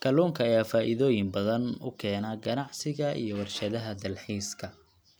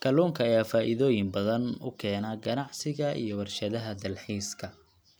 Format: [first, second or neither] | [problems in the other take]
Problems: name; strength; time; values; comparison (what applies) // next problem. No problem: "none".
second | background sound (Fart); 20 dB below the speech